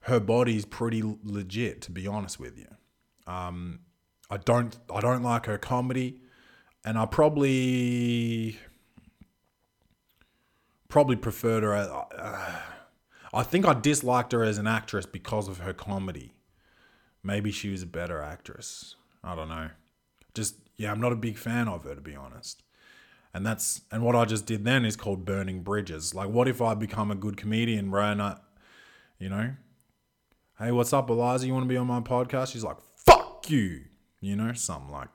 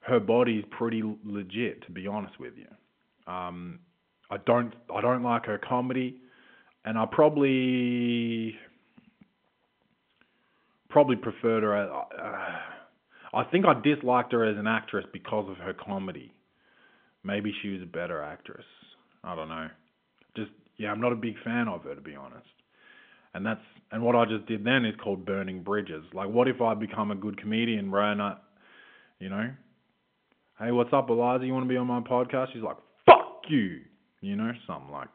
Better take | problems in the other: first | phone-call audio; nothing above 3.5 kHz

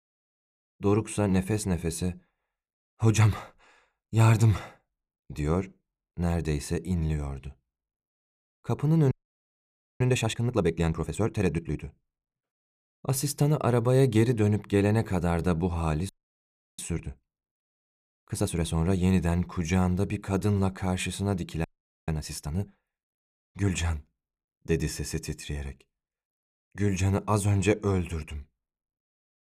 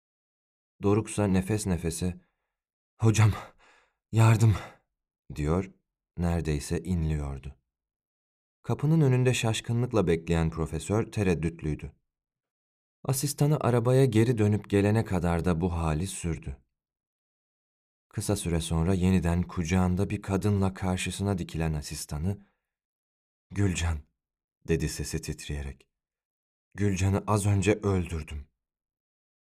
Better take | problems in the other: second | audio freezing; at 9 s for 1 s, at 16 s for 0.5 s and at 22 s

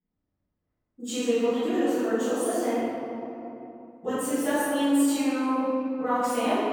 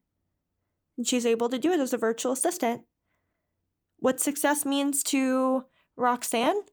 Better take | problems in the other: second | off-mic speech; far // room echo; strong; dies away in 3 s

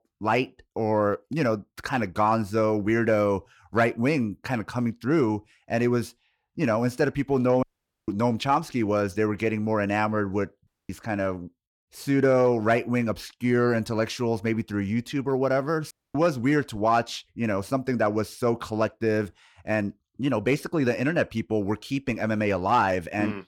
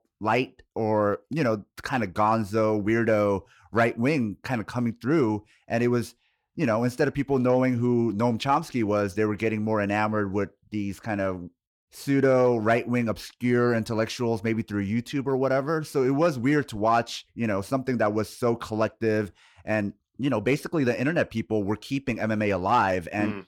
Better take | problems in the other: second | audio cutting out; at 7.5 s, at 11 s and at 16 s

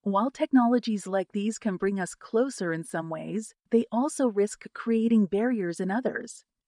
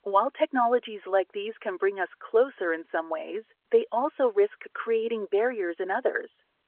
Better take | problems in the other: first | phone-call audio

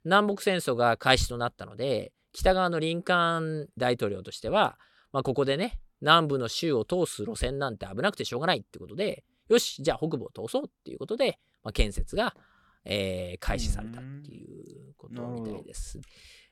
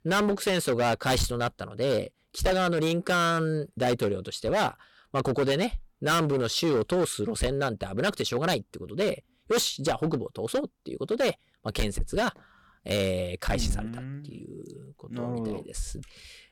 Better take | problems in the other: first | distortion; heavy; 10% of the sound clipped

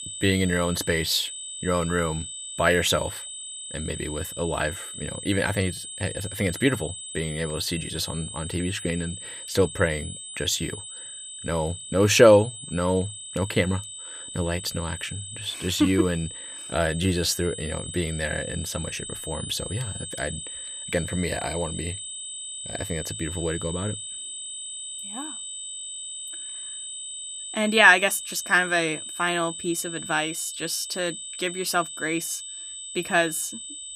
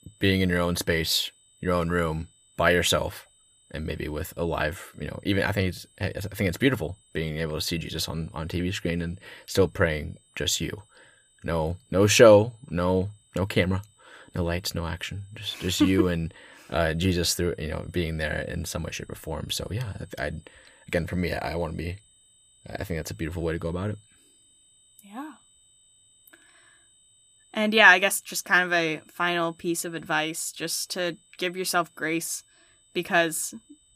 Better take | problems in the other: second | high-pitched whine; loud; throughout; 8 kHz, 9 dB below the speech; faint in the second

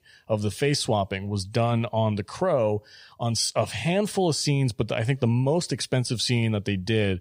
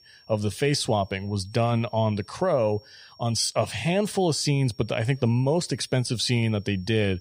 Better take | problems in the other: first | high-pitched whine; faint; throughout; 5.5 kHz, 30 dB below the speech

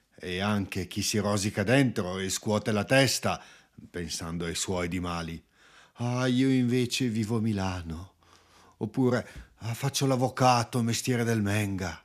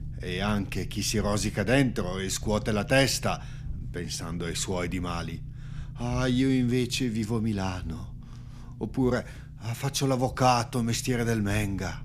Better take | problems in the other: first | low rumble; faint; throughout; 25 dB below the speech

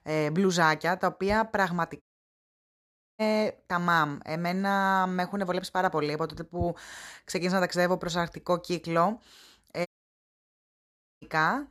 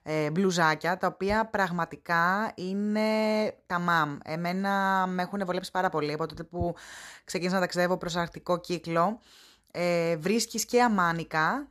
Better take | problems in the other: second | audio cutting out; at 2 s for 1 s and at 10 s for 1.5 s

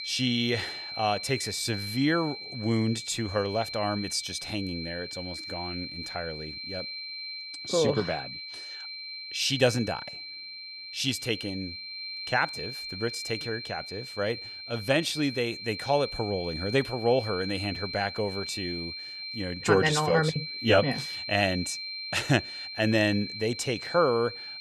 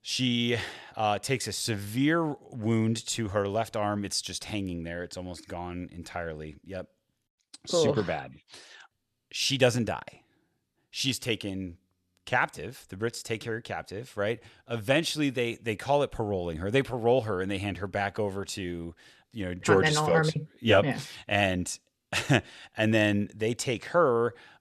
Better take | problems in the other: second | high-pitched whine; loud; throughout; 4 kHz, 7 dB below the speech

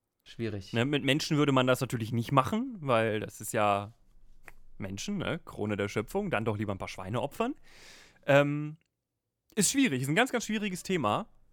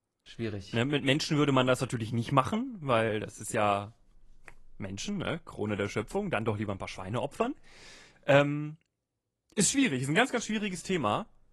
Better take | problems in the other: first | garbled, watery; slightly; nothing above 11.5 kHz

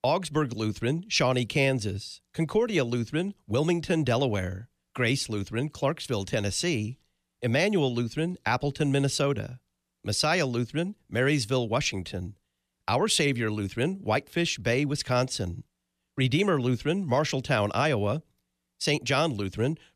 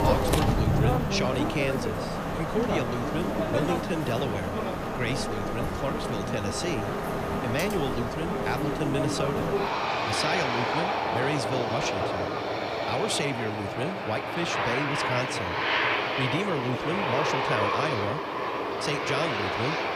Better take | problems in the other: first | train or aircraft noise; very loud; throughout; 3 dB above the speech

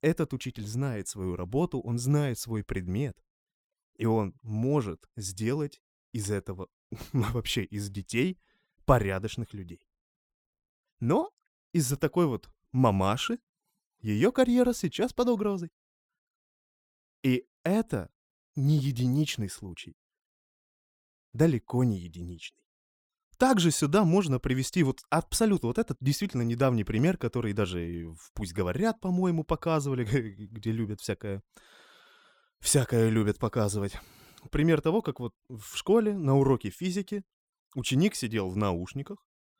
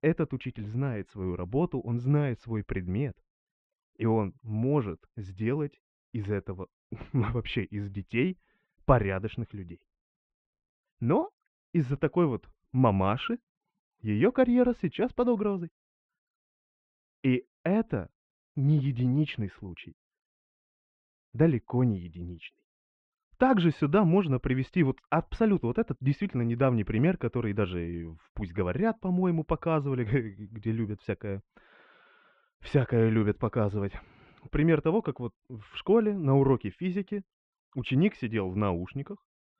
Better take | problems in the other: first | muffled; very; fading above 2.5 kHz

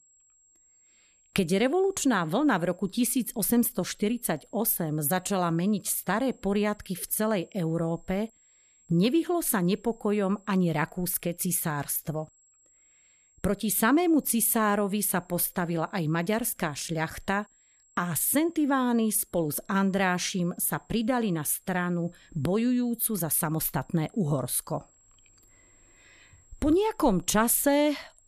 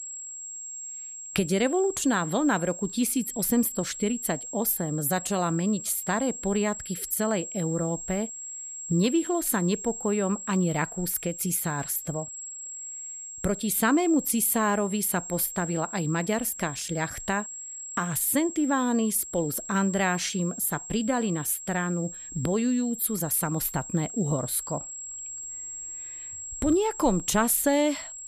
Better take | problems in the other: first | high-pitched whine; loud; throughout; 7.5 kHz, 9 dB below the speech; faint in the first

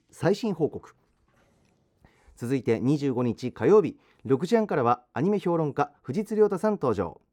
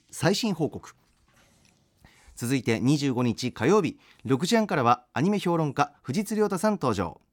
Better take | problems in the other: second | muffled; slightly; fading above 2 kHz

